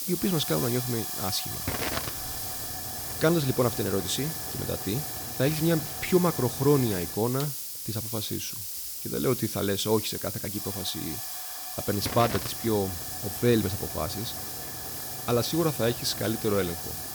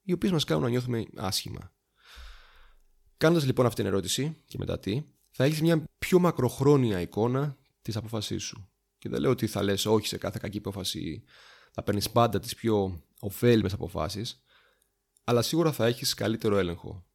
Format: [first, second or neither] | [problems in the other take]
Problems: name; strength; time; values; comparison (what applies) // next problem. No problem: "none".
second | hiss; loud; throughout; 4 dB below the speech